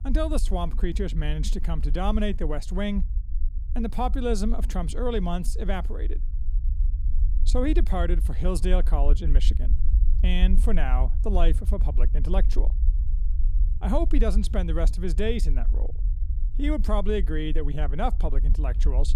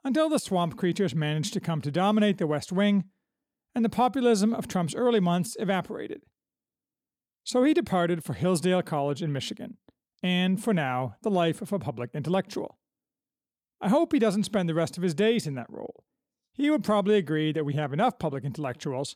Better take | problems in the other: second | low rumble; noticeable; throughout; 20 dB below the speech

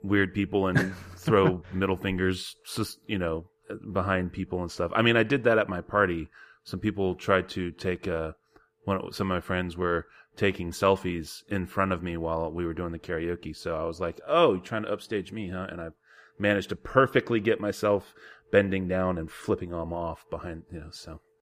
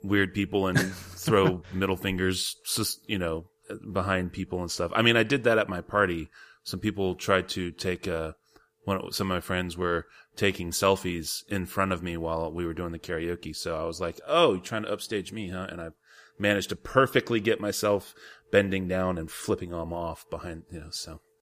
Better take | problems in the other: second | muffled; slightly; fading above 3.5 kHz

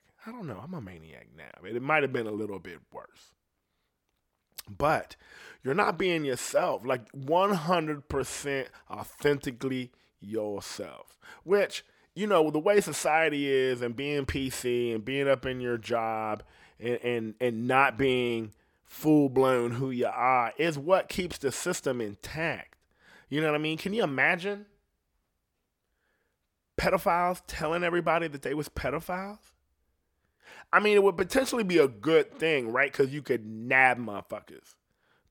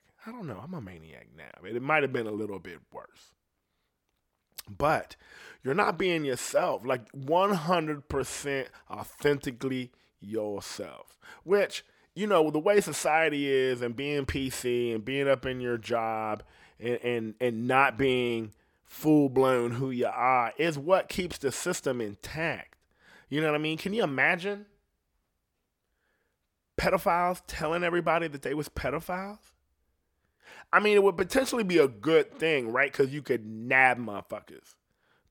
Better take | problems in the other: neither | none

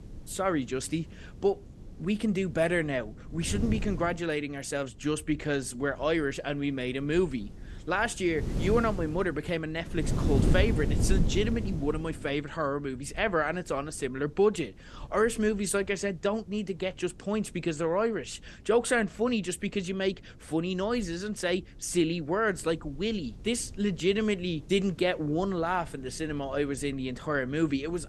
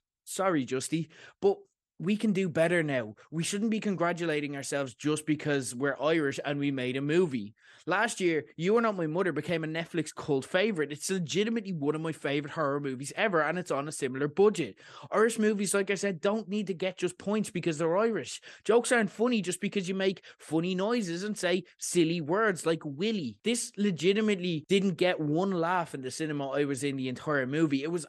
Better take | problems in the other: second | wind noise on the microphone; occasional gusts; 15 dB below the speech

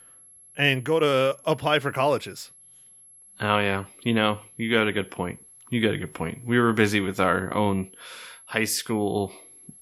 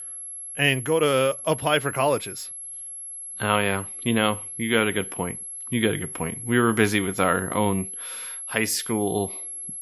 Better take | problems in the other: first | high-pitched whine; loud; throughout; 11 kHz, 9 dB below the speech; faint in the first

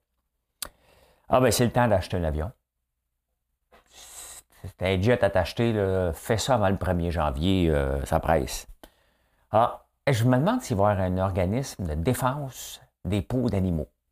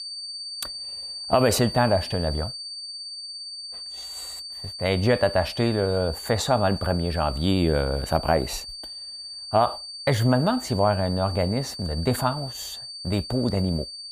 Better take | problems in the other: first | high-pitched whine; loud; throughout; 4.5 kHz, 10 dB below the speech

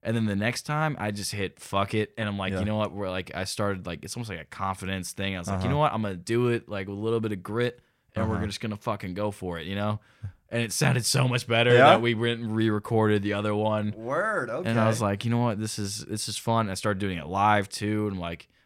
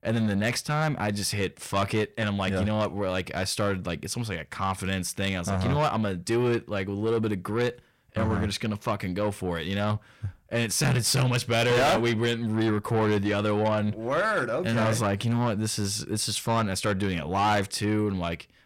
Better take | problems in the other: first | distortion; heavy; 7 dB below the speech

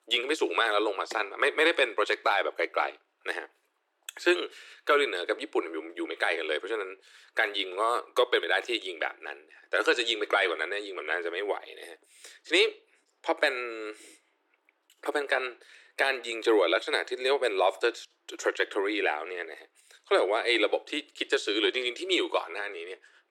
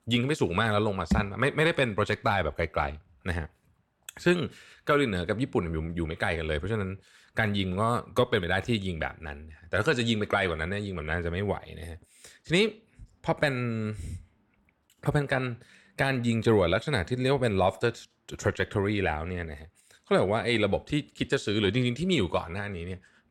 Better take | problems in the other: second | thin; very; fading below 300 Hz

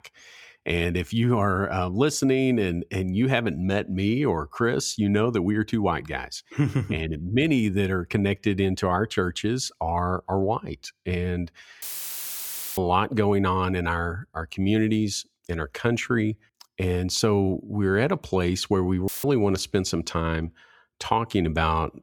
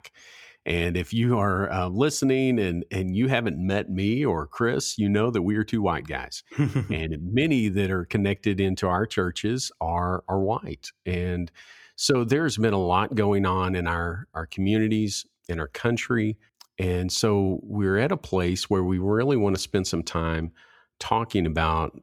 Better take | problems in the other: second | audio cutting out; filled with static; at 12 s for 1 s and at 19 s

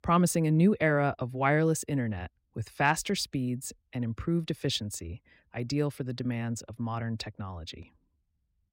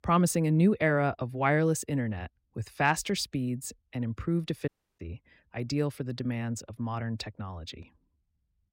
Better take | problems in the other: first | audio cutting out; at 4.5 s

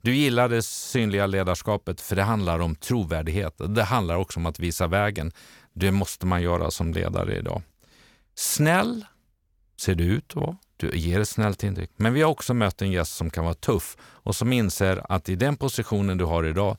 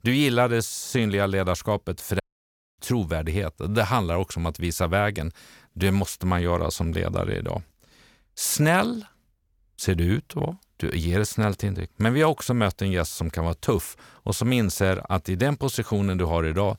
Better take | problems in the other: first | audio cutting out; at 2 s for 0.5 s

